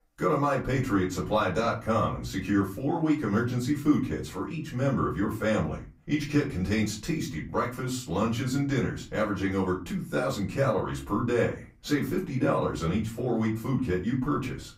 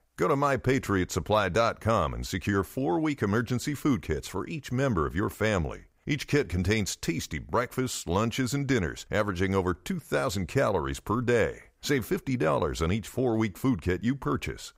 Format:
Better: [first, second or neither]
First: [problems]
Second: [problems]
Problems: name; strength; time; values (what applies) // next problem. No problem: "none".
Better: second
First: off-mic speech; far // room echo; very slight; dies away in 0.3 s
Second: none